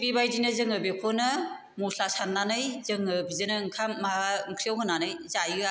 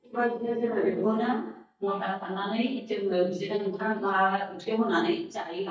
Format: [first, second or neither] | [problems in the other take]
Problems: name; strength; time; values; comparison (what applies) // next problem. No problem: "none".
first | noise reduction (neural mask model DeepFilterNet 3)